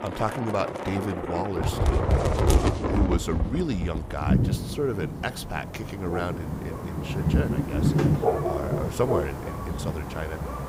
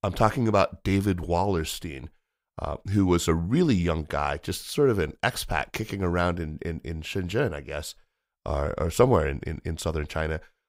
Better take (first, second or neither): second